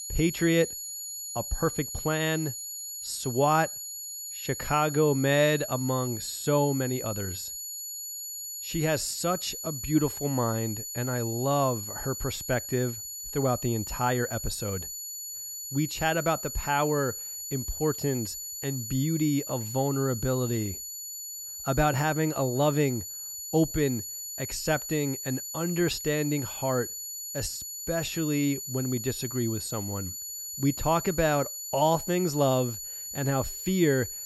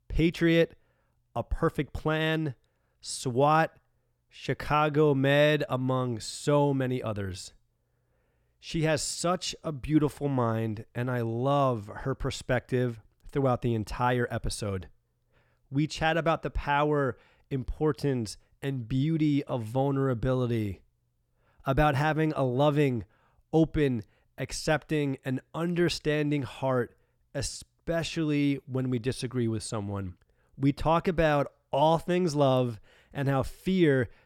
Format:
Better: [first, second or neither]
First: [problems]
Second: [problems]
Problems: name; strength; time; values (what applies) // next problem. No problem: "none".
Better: second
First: high-pitched whine; loud; throughout; 7 kHz, 6 dB below the speech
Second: none